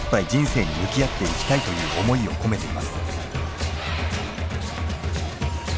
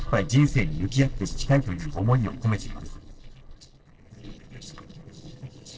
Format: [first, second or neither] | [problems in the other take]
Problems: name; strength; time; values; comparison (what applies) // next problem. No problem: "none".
first | noise reduction (neural separator model SepFormer DNS4)